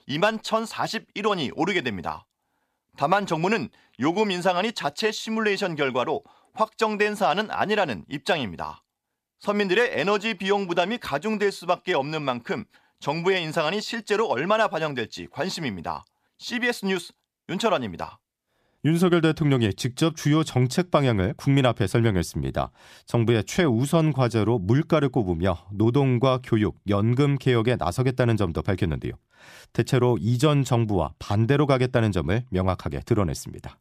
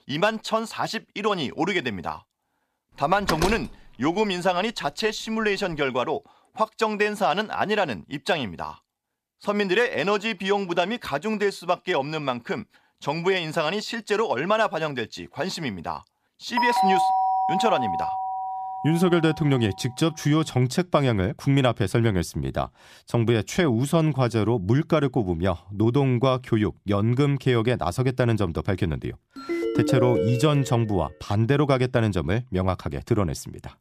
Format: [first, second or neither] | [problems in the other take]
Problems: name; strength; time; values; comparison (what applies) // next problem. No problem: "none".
first | door banging; noticeable; at 3.5 s; peak 3 dB below the speech // doorbell; loud; from 17 to 19 s; peak 4 dB above the speech // phone ringing; noticeable; from 29 to 31 s; peak level with the speech